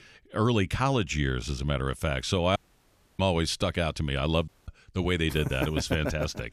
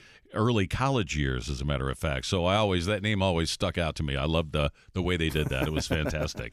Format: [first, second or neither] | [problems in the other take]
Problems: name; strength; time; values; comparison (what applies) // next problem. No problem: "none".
second | audio cutting out; at 2.5 s for 0.5 s and at 4.5 s